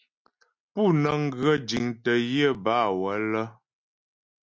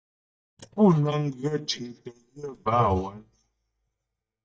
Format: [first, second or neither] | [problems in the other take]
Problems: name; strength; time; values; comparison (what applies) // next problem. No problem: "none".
first | noise reduction (neural mask model DeepFilterNet 3)